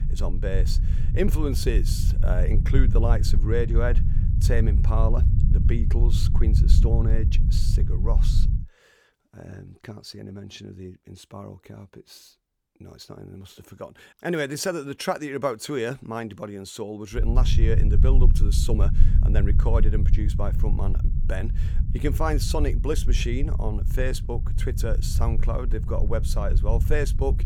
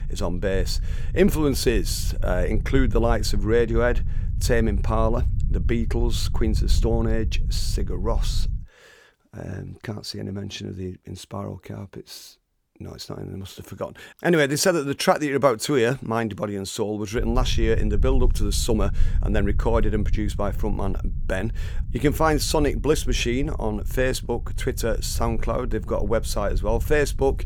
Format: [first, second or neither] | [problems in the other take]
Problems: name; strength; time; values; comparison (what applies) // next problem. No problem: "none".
second | low rumble; loud; until 8.5 s and from 17 s on; 9 dB below the speech; faint in the second